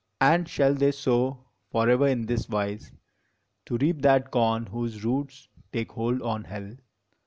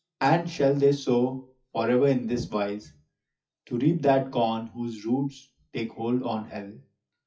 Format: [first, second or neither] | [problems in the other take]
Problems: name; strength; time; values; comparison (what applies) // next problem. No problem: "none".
first | noise reduction (classical method WPE with log-MMSE)